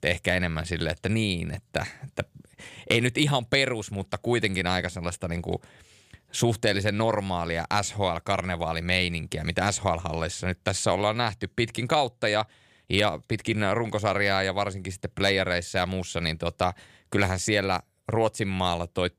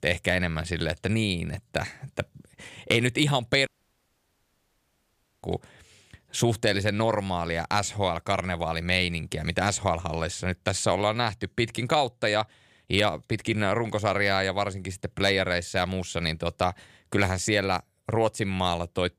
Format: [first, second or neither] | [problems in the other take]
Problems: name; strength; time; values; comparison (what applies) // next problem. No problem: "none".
first | audio cutting out; at 3.5 s for 2 s